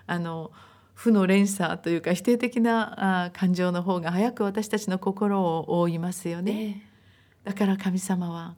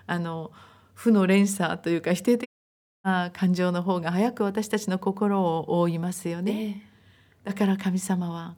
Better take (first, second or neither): first